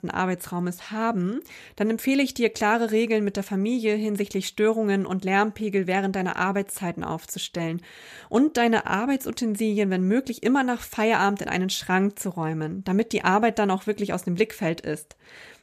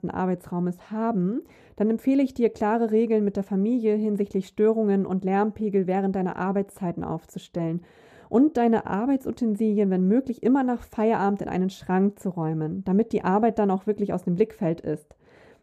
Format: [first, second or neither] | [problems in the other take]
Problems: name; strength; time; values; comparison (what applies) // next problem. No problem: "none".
first | muffled; slightly; fading above 1.5 kHz